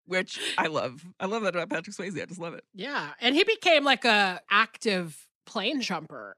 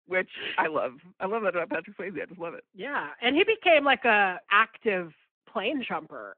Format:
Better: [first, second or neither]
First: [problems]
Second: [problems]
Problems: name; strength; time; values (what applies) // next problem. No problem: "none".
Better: first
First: none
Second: phone-call audio